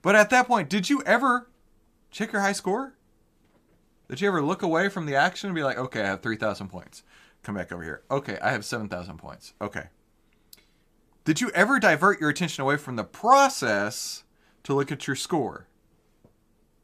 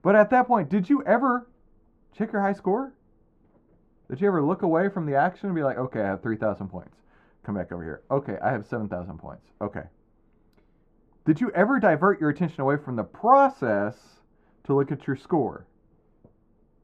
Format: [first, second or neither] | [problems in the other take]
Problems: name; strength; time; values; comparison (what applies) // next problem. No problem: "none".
first | muffled; very; fading above 2.5 kHz